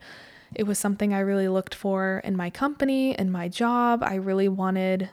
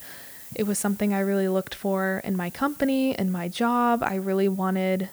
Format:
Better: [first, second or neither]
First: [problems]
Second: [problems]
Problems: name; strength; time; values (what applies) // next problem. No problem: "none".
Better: first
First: none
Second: hiss; noticeable; throughout; 15 dB below the speech